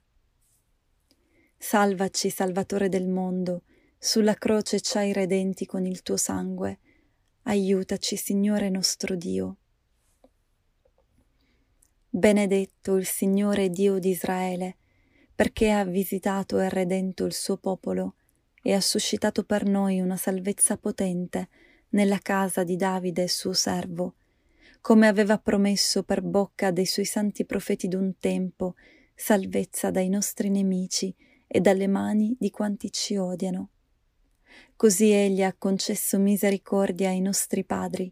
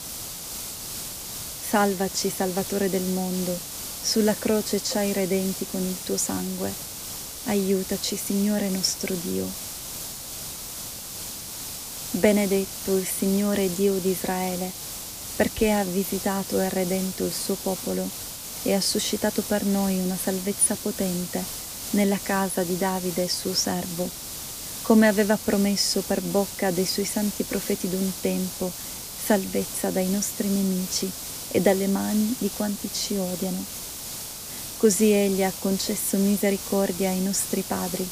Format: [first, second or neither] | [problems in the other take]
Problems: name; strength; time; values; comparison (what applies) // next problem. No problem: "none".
first | hiss; loud; throughout; 7 dB below the speech